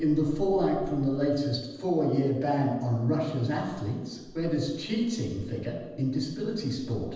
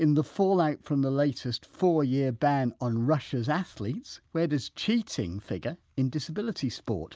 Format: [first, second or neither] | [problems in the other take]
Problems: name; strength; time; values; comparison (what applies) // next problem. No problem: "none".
second | background sound (Wind); 18 dB below the speech // room echo; dies away in 1.1 s